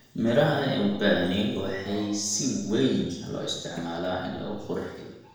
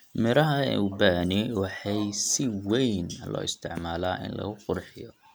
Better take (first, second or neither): second